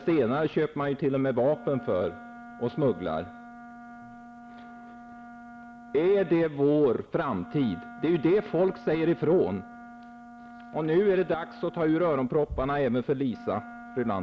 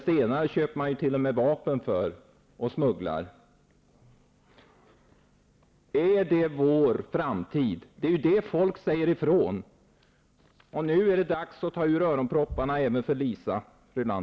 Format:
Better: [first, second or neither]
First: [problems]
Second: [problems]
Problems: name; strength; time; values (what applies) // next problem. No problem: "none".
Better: second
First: background sound (Wind instrument, woodwind instrument); 18 dB below the speech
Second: none